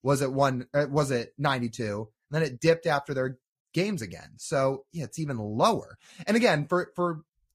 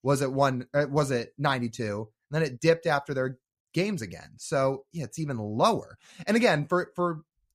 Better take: second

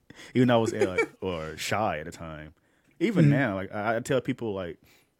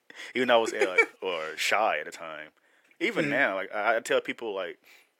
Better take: first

